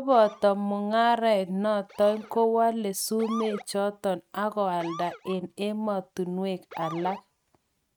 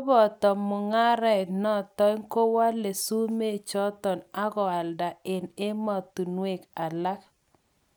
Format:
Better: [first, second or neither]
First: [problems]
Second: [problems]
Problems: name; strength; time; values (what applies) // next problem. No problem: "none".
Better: second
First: noise reduction (neural mask model RNNoise)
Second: none